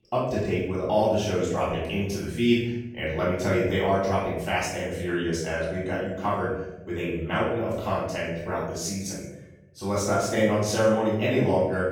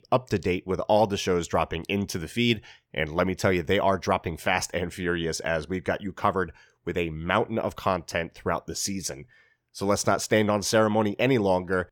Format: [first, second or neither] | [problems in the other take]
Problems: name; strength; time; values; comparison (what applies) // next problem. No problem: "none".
second | off-mic speech; far // room echo; noticeable; dies away in 0.8 s